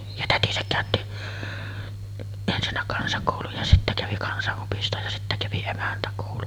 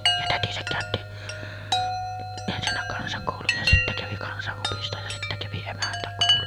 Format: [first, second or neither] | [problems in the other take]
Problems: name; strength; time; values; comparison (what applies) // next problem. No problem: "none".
first | background sound (Chime); 2 dB above the speech